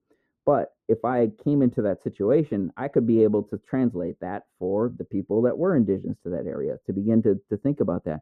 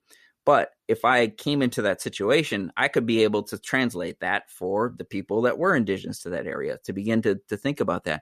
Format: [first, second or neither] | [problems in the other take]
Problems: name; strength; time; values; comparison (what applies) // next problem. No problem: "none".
second | muffled; very; fading above 1 kHz